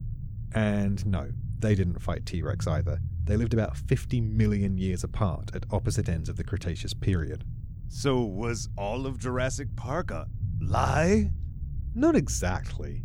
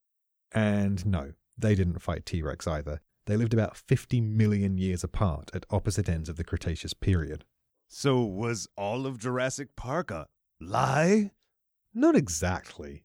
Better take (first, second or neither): second